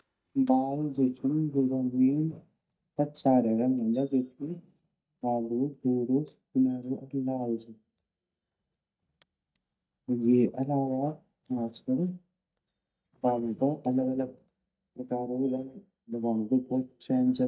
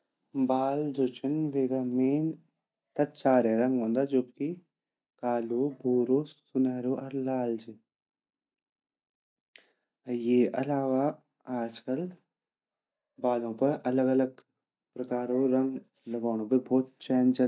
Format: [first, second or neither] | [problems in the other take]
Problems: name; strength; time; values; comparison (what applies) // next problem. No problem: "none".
second | noise reduction (neural mask model DeepFilterNet 3)